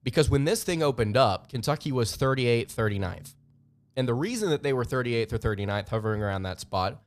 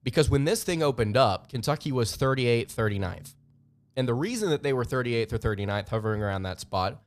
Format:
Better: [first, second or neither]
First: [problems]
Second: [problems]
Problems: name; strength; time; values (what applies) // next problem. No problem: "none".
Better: neither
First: none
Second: none